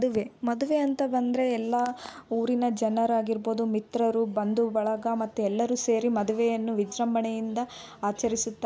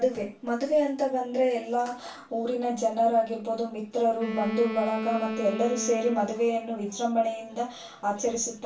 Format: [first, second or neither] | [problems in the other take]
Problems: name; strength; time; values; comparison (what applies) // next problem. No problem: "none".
first | background sound (Wind instrument, woodwind instrument); 7 dB below the speech // room echo; dies away in 0.3 s